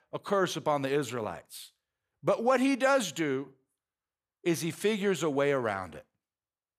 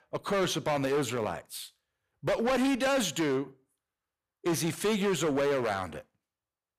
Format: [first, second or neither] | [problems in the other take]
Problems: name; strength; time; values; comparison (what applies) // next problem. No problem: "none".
first | distortion; heavy; 14% of the sound clipped